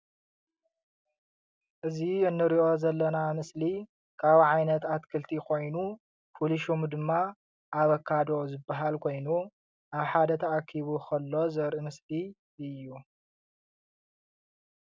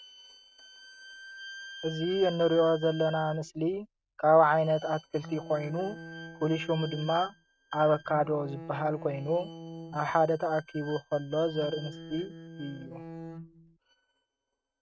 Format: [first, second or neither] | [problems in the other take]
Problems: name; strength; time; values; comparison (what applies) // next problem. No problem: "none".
first | noise reduction (neural mask model RNNoise)